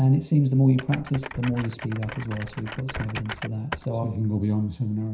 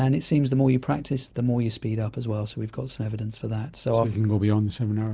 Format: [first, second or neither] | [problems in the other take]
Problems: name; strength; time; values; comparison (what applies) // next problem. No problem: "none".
second | background sound (Typing); 13 dB below the speech // room echo; dies away in 0.5 s